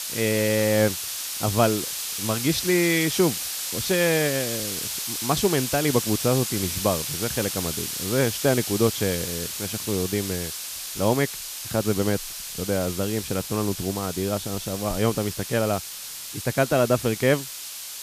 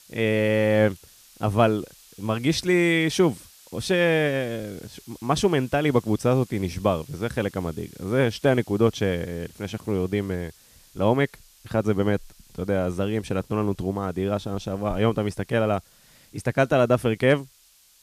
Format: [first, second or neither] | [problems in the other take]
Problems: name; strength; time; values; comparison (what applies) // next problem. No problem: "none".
second | hiss; loud; throughout; 4 dB below the speech; faint in the second